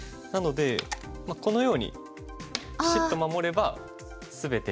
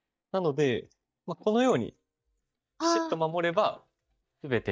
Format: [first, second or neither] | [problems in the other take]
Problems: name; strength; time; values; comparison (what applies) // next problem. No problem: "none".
first | noise reduction (neural mask model DeepFilterNet 3)